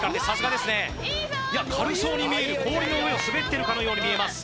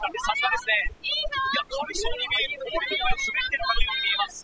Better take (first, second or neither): first